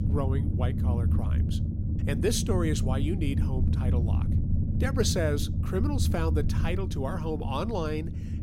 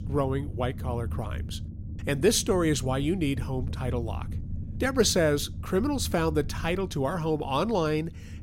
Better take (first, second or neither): second